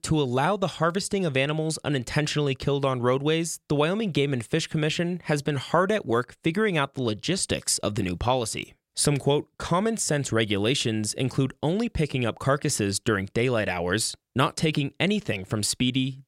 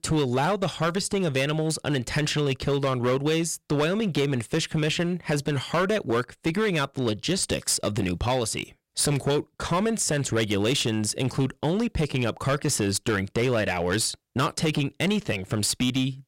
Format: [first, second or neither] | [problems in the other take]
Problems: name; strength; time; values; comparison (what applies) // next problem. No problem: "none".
first | distortion; slight; 11% of the sound clipped